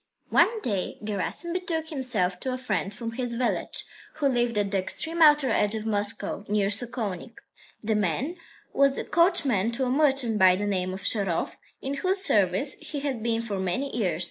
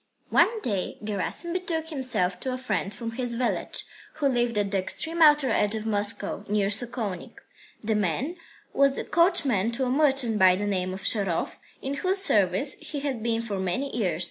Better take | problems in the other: second | noise reduction (neural mask model Resemble Enhance denoiser)

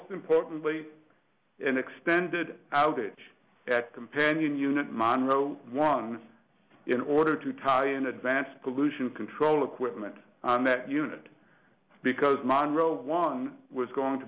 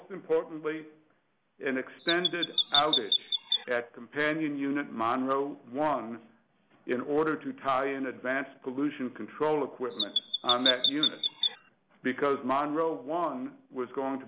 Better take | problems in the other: first | background sound (Chirp, tweet); 3 dB above the speech

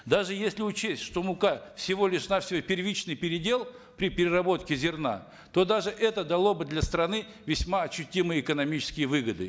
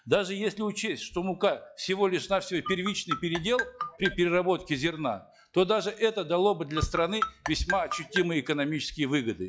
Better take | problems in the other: first | noise reduction (classical method log-MMSE)

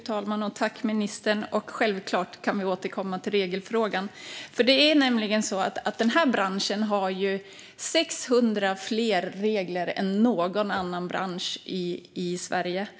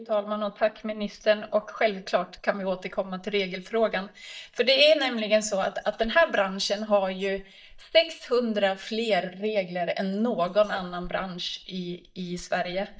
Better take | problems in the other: first | noise reduction (neural mask model DeepFilterNet 3)

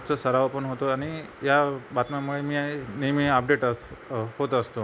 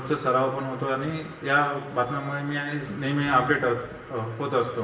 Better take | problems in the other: first | room echo; dies away in 1.1 s

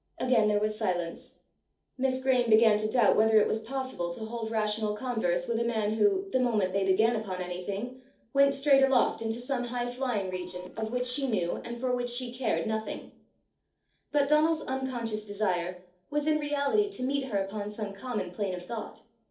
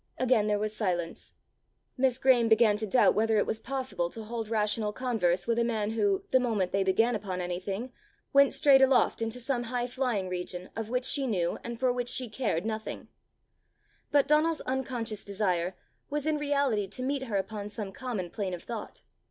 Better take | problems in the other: second | noise reduction (neural separator model SepFormer DNS4)

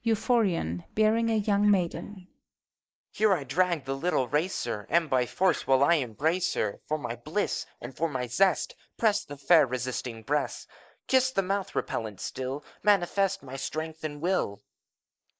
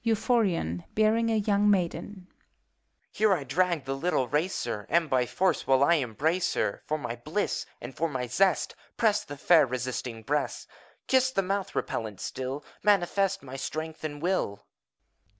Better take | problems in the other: second | noise reduction (neural mask model Resemble Enhance denoiser)

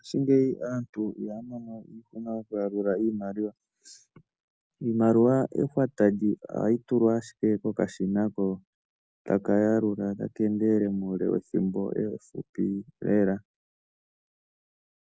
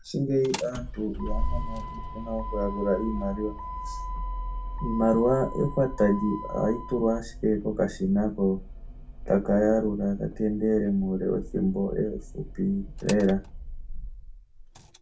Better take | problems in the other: first | background sound (Motor vehicle (road)); 8 dB below the speech // room echo; dies away in 0.2 s

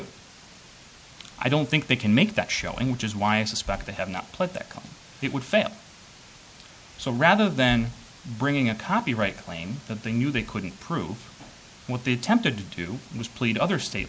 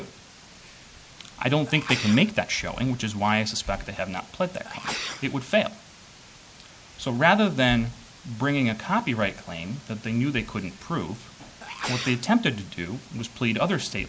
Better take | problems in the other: first | background sound (Sneeze); 12 dB below the speech

